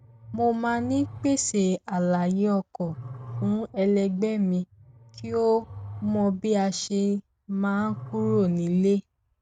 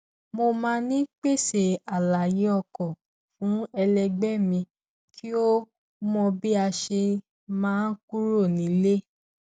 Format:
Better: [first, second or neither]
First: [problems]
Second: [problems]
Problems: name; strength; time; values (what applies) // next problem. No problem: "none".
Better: second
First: background sound (Growling); 16 dB below the speech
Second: none